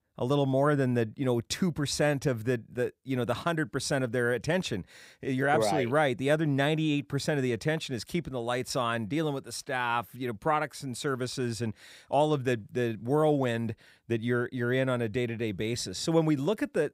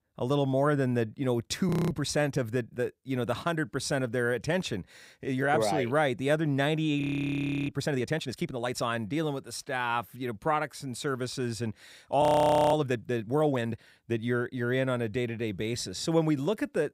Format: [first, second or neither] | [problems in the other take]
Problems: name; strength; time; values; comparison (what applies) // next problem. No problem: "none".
first | audio freezing; at 1.5 s, at 7 s for 0.5 s and at 12 s for 0.5 s